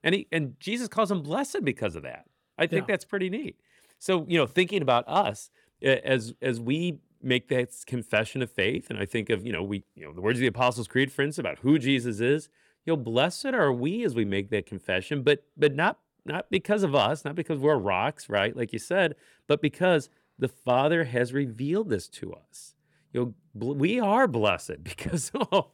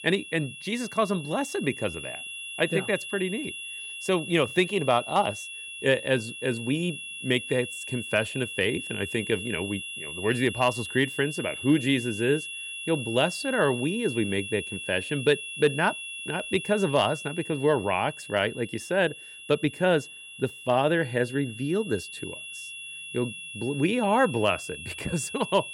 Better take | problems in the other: first | high-pitched whine; loud; throughout; 2.5 kHz, 9 dB below the speech

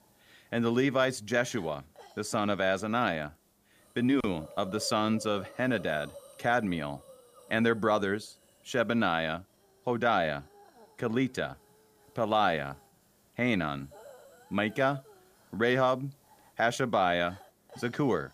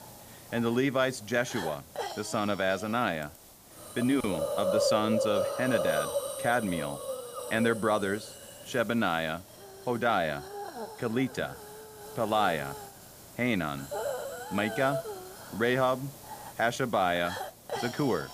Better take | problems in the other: first | hiss; loud; throughout; 6 dB below the speech; faint in the first

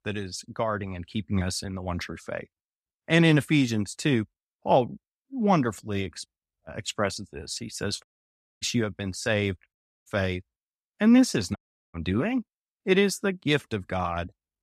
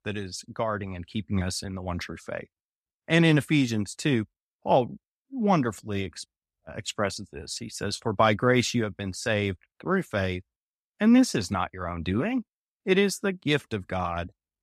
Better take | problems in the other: second | audio cutting out; at 8 s for 0.5 s, at 9.5 s and at 12 s

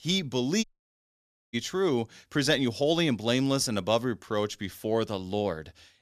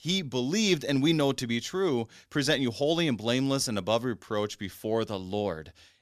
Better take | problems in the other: second | audio cutting out; at 0.5 s for 1 s

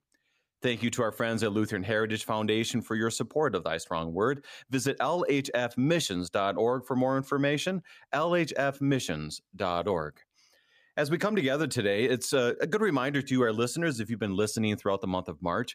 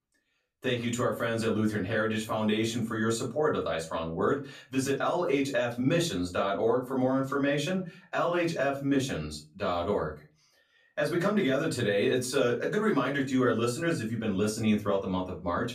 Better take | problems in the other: first | off-mic speech; far // room echo; very slight; dies away in 0.3 s

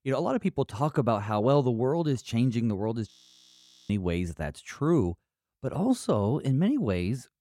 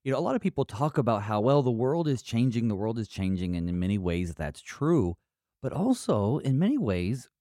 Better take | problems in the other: second | audio freezing; at 3 s for 1 s

